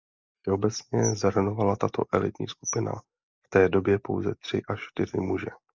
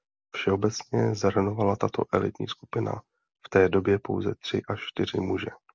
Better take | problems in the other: second | noise reduction (neural mask model DeepFilterNet 3)

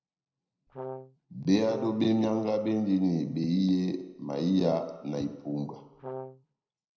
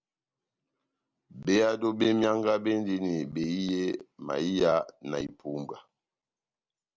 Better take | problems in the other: second | background sound (Brass instrument); 12 dB below the speech // room echo; dies away in 0.7 s

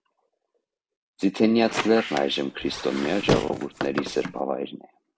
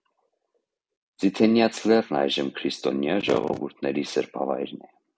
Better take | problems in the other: second | background sound (Squeak); 6 dB below the speech

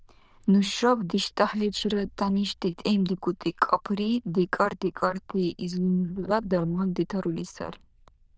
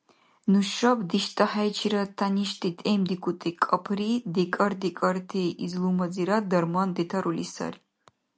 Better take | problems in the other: second | noise reduction (neural diffusion model UNIVERSE++)

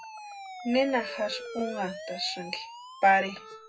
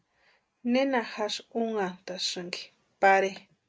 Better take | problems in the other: second | noise reduction (classical method WPE with log-MMSE)

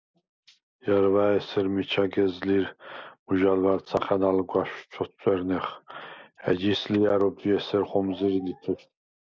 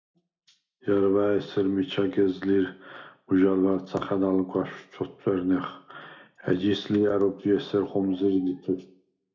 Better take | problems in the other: first | room echo; dies away in 0.4 s

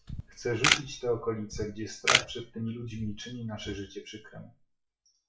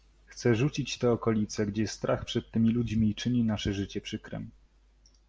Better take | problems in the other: second | noise reduction (classical method WPE with log-MMSE)

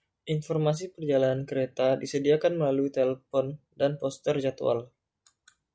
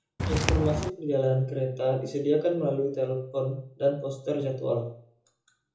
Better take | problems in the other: first | background sound (Walk, footsteps); 2 dB above the speech // room echo; dies away in 0.6 s

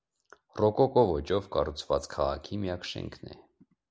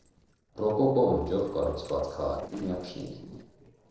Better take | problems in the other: first | noise reduction (neural separator model SepFormer DNS4)

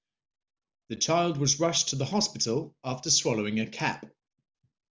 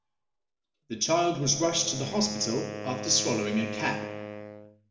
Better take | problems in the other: first | background sound (Wind instrument, woodwind instrument); 10 dB below the speech // room echo; dies away in 0.8 s

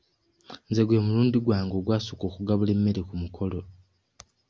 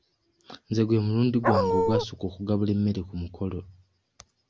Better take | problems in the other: first | background sound (Dog); 4 dB above the speech

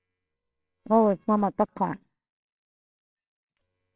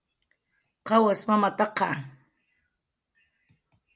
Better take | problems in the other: second | noise reduction (neural separator model SepFormer WHAMR!)

